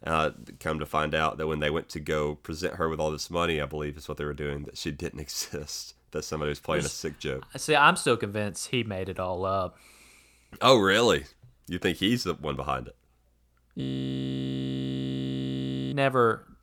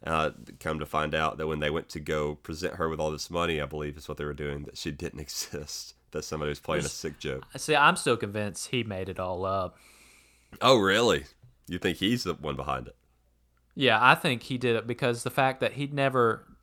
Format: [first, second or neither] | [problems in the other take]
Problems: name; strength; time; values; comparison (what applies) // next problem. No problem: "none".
second | audio freezing; at 14 s for 2 s